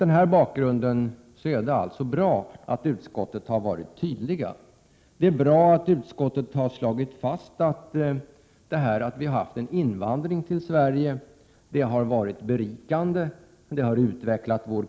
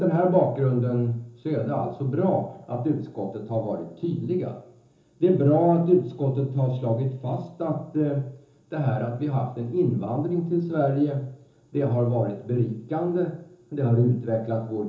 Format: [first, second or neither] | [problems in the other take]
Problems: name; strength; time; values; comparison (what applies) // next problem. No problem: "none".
first | room echo; dies away in 0.6 s